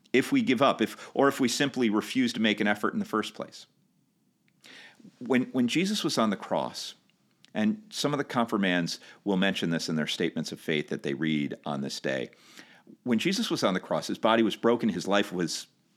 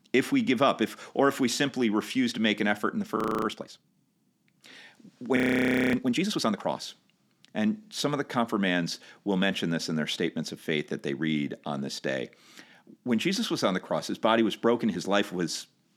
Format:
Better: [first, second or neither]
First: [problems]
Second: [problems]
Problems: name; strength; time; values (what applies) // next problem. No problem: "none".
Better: first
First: none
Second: audio freezing; at 3 s and at 5.5 s for 0.5 s